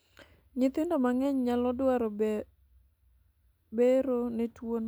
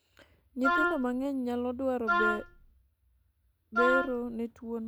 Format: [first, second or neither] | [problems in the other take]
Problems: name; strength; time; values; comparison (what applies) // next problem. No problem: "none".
first | background sound (Wind instrument, woodwind instrument); 3 dB above the speech